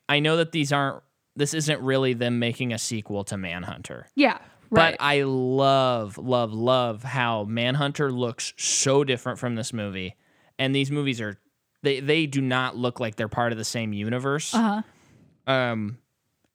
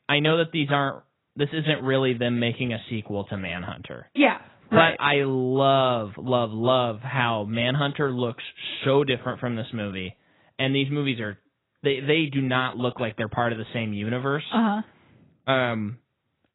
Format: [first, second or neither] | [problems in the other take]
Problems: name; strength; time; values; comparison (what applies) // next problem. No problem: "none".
first | garbled, watery; badly; nothing above 4 kHz